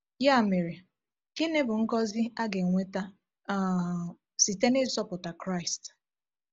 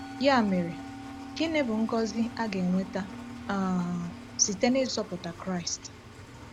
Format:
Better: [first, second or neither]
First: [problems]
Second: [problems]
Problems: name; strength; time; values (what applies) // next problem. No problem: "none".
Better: first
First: none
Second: background sound (Musical instrument + Engine); 12 dB below the speech